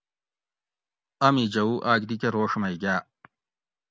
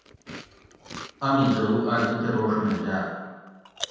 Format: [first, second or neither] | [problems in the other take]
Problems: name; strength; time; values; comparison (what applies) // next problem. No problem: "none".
first | background sound (Chewing, mastication); 14 dB below the speech // room echo; dies away in 1.2 s